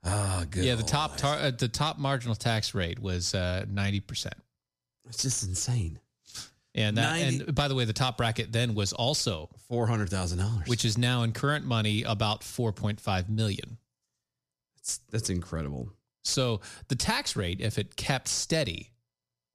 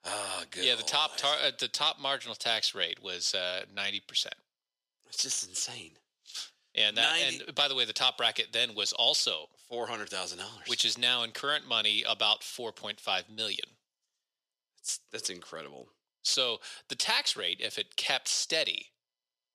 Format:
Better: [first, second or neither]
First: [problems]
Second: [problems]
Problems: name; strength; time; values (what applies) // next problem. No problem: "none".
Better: first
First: none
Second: thin; very; fading below 500 Hz